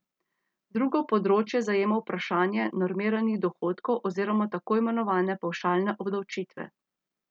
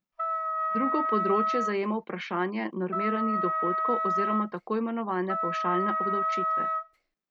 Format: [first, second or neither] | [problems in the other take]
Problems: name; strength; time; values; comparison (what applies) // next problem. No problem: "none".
first | background sound (Wind instrument, woodwind instrument); 2 dB above the speech